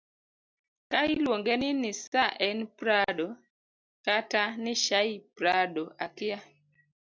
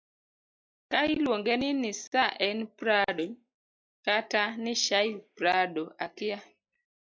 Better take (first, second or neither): first